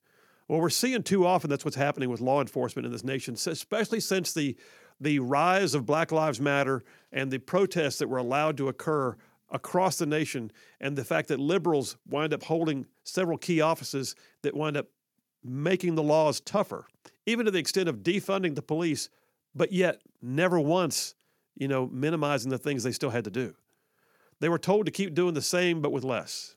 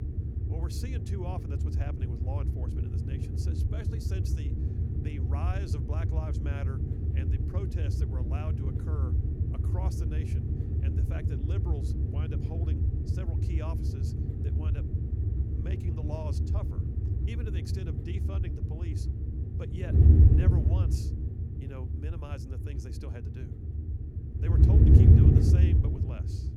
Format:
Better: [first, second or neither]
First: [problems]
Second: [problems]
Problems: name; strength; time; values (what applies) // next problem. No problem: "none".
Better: first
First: none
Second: wind noise on the microphone; heavy; 5 dB above the speech